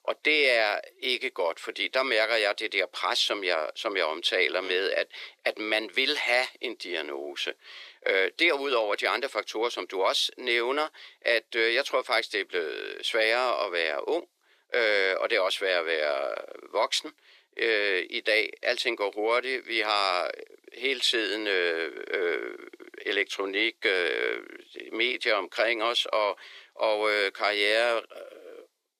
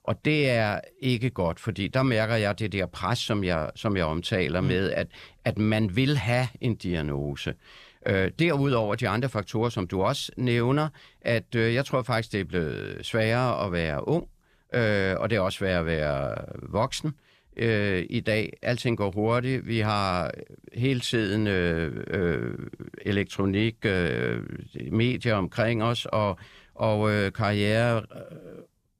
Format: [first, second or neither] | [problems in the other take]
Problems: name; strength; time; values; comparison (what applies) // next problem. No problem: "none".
second | thin; very; fading below 350 Hz